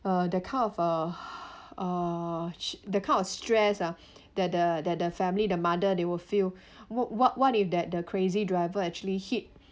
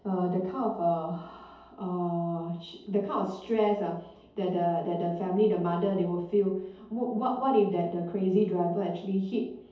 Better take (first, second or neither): first